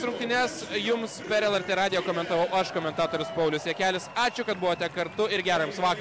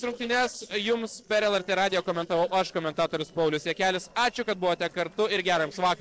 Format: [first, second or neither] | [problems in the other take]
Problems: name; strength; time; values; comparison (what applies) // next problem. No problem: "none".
first | noise reduction (neural separator model SepFormer DNS4)